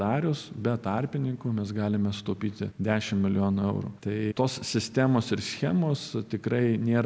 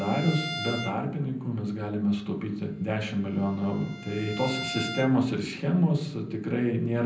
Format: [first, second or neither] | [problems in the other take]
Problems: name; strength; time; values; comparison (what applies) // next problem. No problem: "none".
first | background sound (Bowed string instrument); 13 dB below the speech // room echo; dies away in 0.6 s